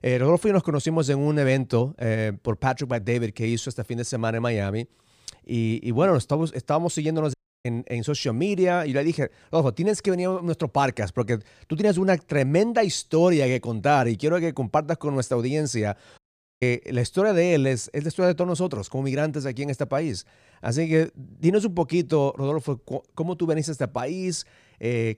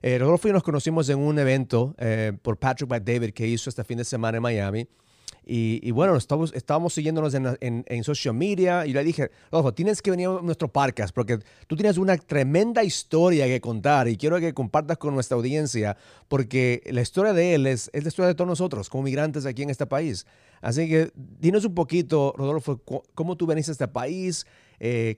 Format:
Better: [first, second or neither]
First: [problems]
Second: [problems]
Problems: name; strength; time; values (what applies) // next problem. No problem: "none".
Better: second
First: audio cutting out; at 7.5 s and at 16 s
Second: none